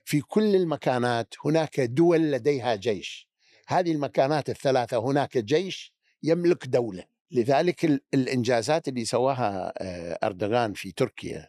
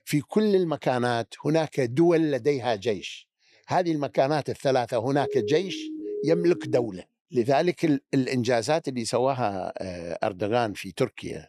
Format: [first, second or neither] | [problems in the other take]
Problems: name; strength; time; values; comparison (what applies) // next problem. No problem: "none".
first | siren; noticeable; from 5 to 7 s; peak 5 dB below the speech